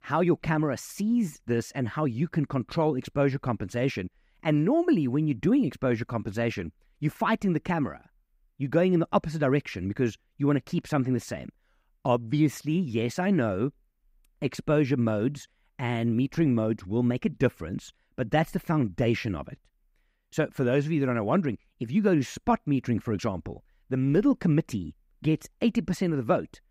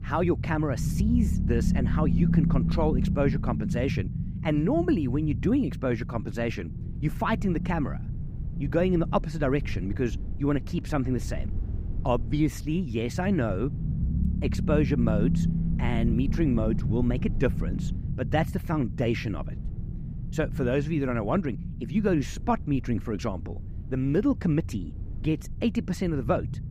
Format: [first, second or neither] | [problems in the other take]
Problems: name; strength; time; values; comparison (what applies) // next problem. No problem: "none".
first | low rumble; noticeable; throughout; 10 dB below the speech